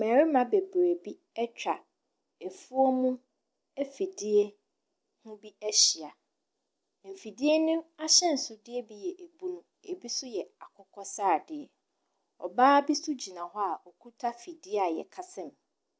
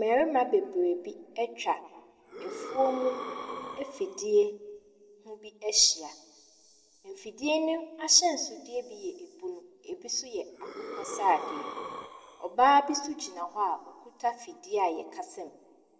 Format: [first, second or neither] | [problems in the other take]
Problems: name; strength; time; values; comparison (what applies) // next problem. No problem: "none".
first | background sound (Breathing); 11 dB below the speech // room echo; dies away in 1.4 s